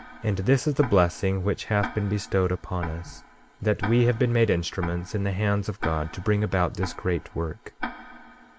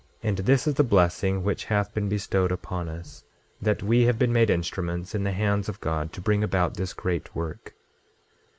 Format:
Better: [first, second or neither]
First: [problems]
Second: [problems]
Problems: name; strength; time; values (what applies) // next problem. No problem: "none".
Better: second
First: background sound (Tick-tock); 14 dB below the speech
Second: none